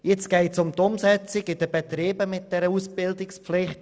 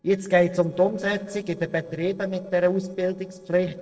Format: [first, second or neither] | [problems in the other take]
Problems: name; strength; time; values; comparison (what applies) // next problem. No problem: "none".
first | noise reduction (neural separator model SepFormer DNS4)